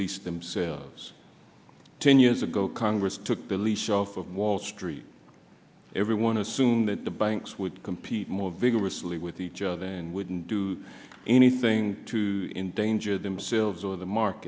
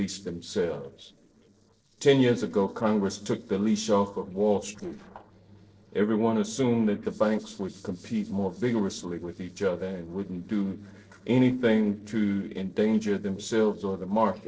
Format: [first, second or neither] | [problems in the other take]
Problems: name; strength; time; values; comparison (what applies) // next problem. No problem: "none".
first | noise reduction (neural separator model SepFormer DNS4)